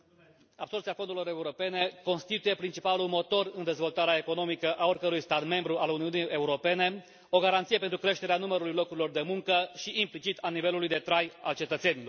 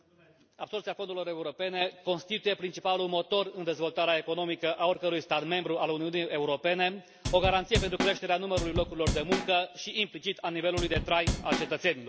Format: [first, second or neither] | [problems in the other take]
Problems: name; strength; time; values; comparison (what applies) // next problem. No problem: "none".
first | background sound (Drum / Drum kit); 2 dB below the speech